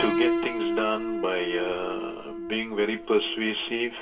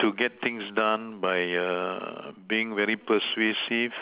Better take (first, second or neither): second